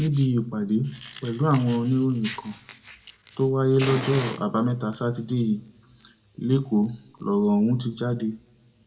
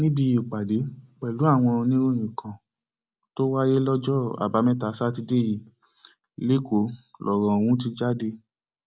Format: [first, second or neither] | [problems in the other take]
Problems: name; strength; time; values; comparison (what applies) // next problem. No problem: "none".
second | background sound (Fire); 17 dB below the speech // room echo; dies away in 0.5 s